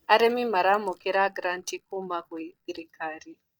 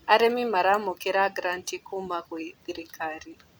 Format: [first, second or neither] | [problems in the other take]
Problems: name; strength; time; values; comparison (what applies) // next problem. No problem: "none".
second | noise reduction (neural mask model DeepFilterNet 3)